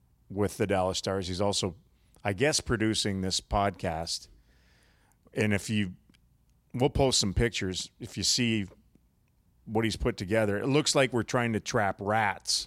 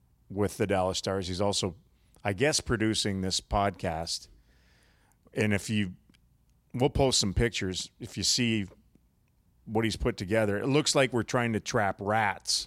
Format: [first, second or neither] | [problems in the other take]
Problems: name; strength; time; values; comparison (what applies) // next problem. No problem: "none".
neither | none